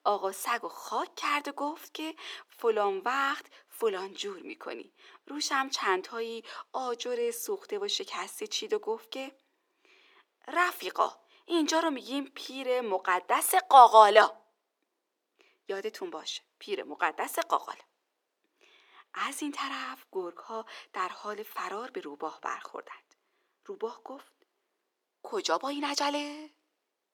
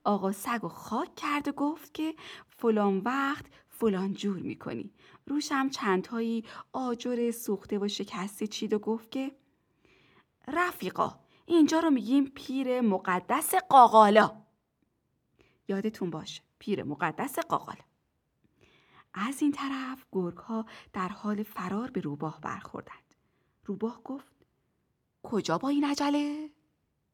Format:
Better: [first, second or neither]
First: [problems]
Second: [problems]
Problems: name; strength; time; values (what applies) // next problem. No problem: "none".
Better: second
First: thin; somewhat; fading below 400 Hz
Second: none